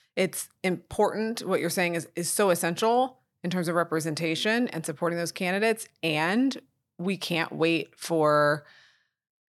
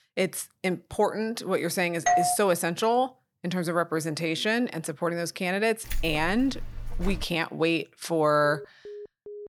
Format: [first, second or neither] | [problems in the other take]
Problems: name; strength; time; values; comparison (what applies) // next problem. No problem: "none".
first | doorbell; loud; at 2 s; peak 3 dB above the speech // jangling keys; noticeable; from 6 to 7.5 s; peak 10 dB below the speech // phone ringing; faint; from 8.5 s on; peak 15 dB below the speech